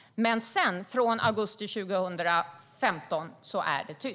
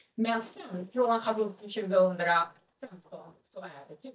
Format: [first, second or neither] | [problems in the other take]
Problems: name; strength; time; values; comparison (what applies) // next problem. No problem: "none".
first | noise reduction (neural mask model DeepFilterNet 3)